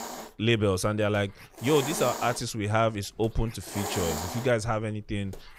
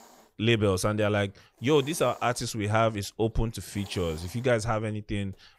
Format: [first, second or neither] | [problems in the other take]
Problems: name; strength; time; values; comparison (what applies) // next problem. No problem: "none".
second | hiss; loud; throughout; 7 dB below the speech; faint in the second